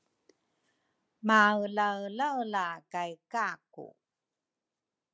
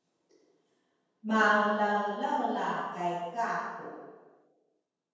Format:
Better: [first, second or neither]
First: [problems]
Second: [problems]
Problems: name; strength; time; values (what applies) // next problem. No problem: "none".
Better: first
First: none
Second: room echo; dies away in 1.2 s